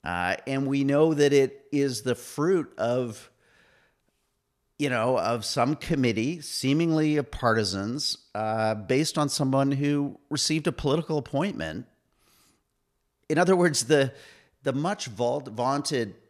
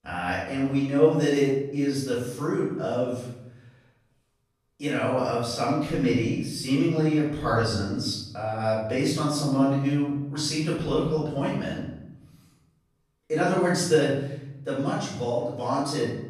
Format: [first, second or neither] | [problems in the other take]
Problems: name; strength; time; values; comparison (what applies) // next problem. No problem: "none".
first | off-mic speech; far // room echo; noticeable; dies away in 0.9 s